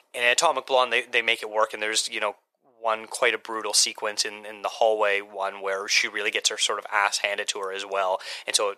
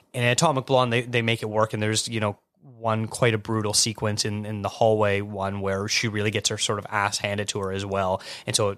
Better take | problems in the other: second | thin; very; fading below 450 Hz

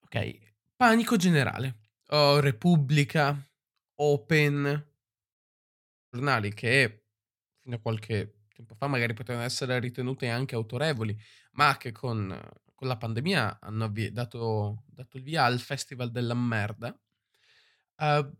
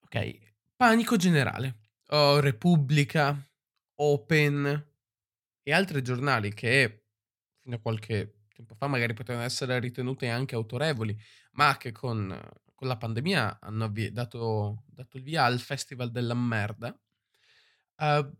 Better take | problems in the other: second | audio cutting out; at 5.5 s for 1 s

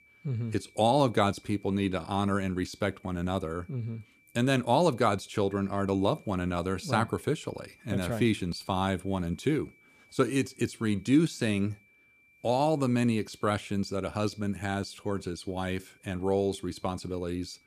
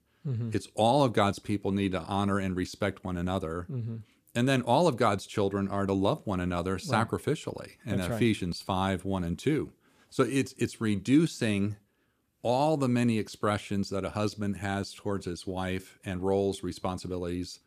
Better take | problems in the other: second | high-pitched whine; faint; throughout; 2.5 kHz, 30 dB below the speech

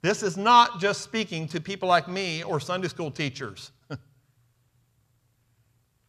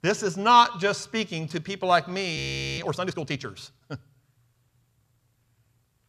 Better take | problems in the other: first | audio freezing; at 2.5 s

